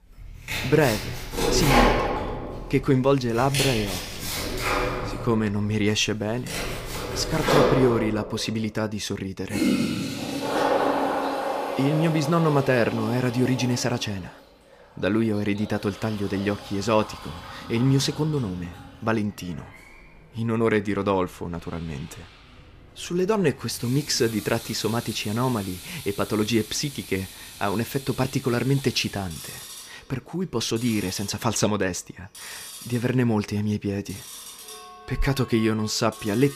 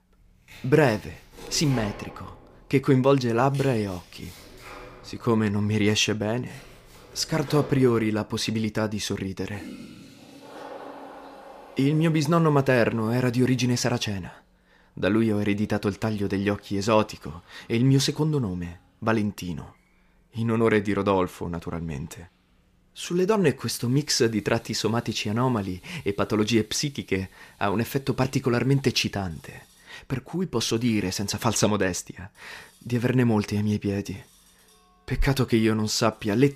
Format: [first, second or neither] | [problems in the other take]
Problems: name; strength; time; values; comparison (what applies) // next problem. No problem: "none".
second | household noises; loud; throughout; 4 dB below the speech; faint in the second